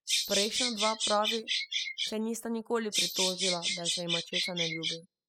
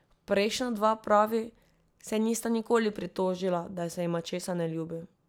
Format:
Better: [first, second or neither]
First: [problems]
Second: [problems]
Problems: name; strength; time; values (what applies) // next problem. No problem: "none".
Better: second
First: noise reduction (classical method spectral subtraction)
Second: none